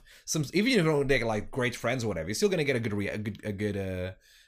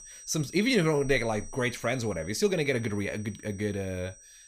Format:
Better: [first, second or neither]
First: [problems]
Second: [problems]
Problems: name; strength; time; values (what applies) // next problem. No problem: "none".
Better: first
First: none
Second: high-pitched whine; noticeable; throughout; 6 kHz, 20 dB below the speech